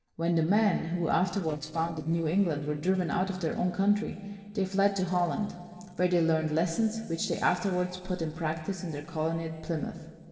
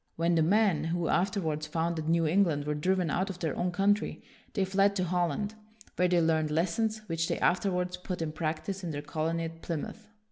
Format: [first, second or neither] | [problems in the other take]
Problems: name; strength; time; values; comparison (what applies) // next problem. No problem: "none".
second | noise reduction (neural separator model SepFormer DNS4)